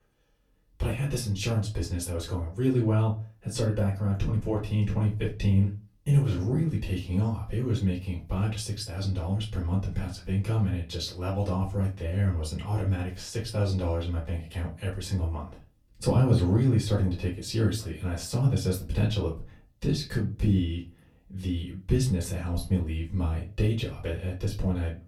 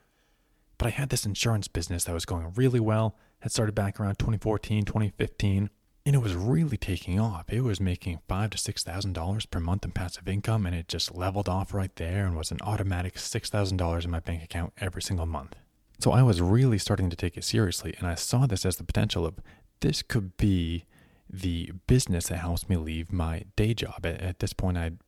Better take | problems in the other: second | off-mic speech; far // room echo; very slight; dies away in 0.3 s

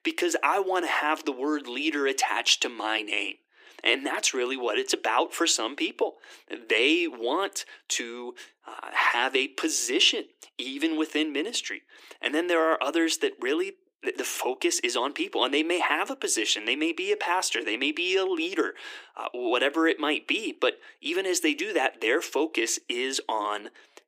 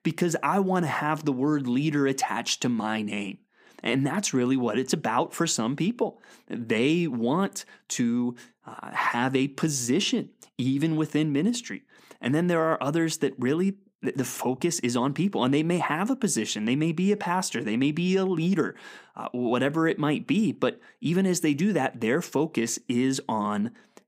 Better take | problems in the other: second | thin; very; fading below 300 Hz

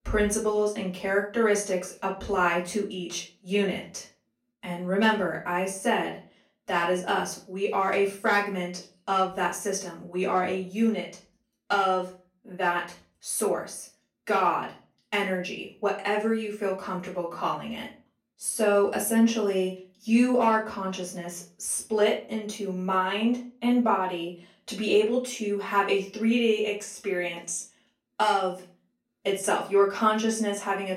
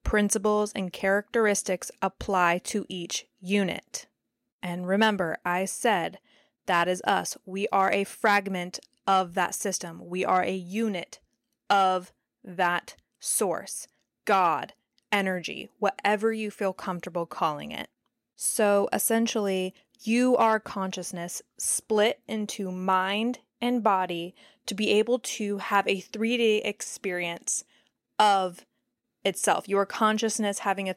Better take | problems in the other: second | off-mic speech; far // room echo; slight; dies away in 0.3 s

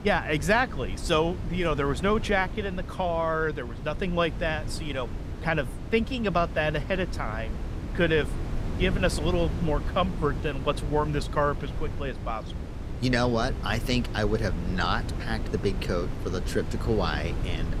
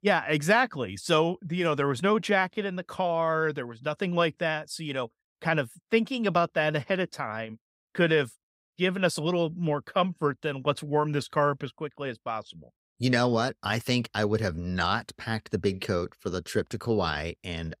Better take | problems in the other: second | wind noise on the microphone; occasional gusts; 15 dB below the speech

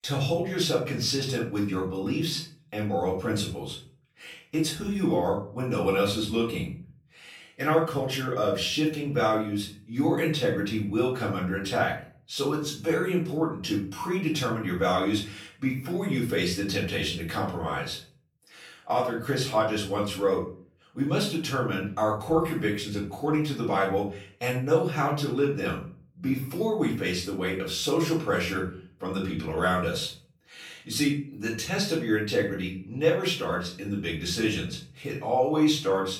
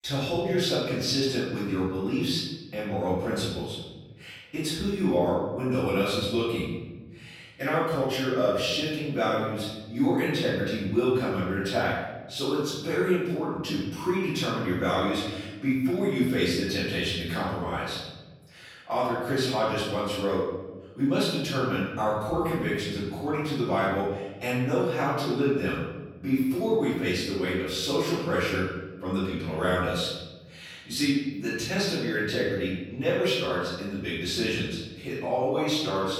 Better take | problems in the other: first | room echo; strong; dies away in 1.1 s; slight in the first // off-mic speech; far; far in the first

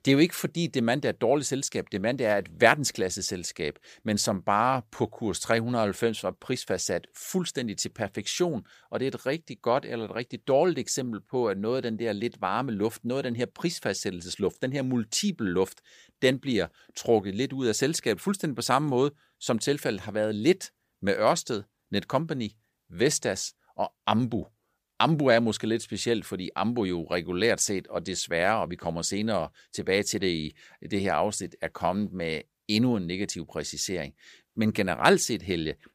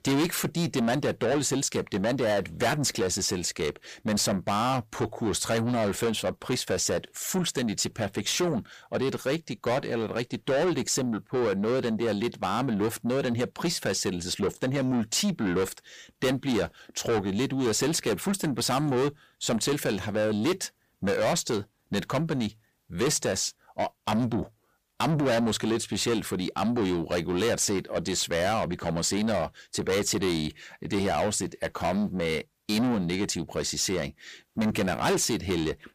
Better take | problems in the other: first | distortion; heavy; 6 dB below the speech

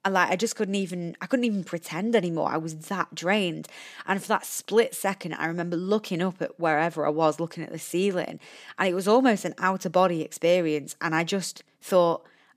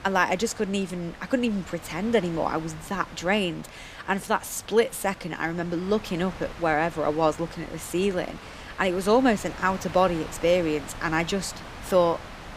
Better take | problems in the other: first | wind noise on the microphone; occasional gusts; 15 dB below the speech

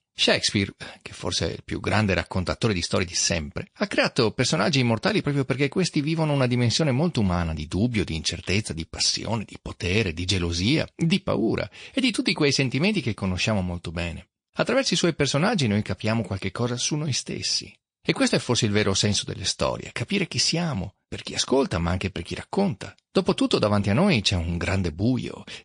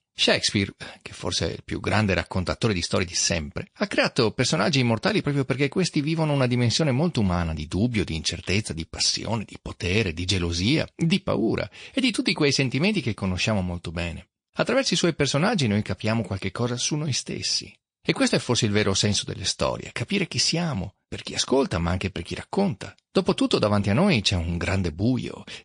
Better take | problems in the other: neither | garbled, watery; slightly; nothing above 8.5 kHz; the same in both

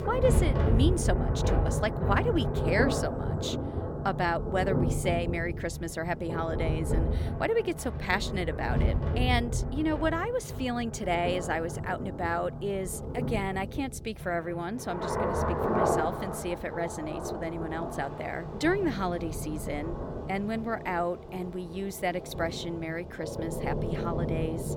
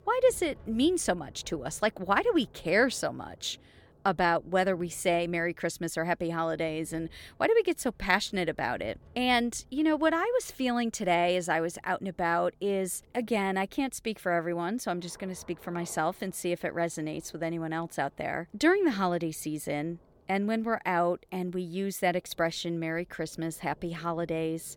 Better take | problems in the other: second | rain or running water; loud; throughout; as loud as the speech; faint in the second

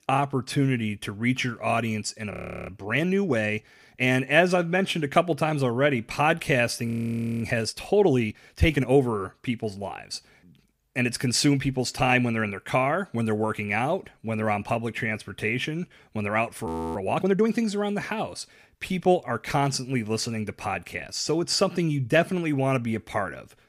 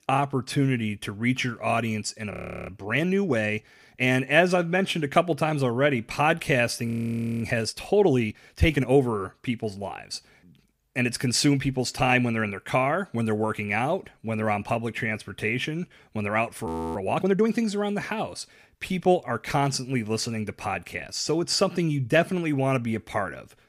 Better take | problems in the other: neither | audio freezing; at 2.5 s, at 7 s for 0.5 s and at 17 s; the same in both

